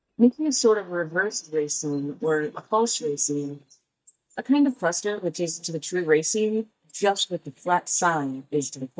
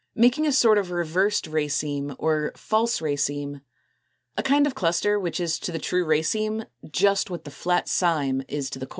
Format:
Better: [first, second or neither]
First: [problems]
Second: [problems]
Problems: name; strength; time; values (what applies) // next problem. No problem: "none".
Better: second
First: noise reduction (neural mask model DeepFilterNet 3)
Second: none